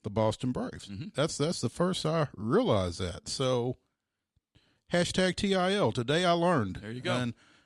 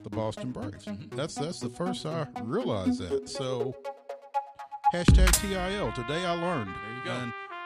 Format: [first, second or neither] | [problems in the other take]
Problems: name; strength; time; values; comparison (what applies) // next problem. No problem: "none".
first | background music; very loud; throughout; 2 dB above the speech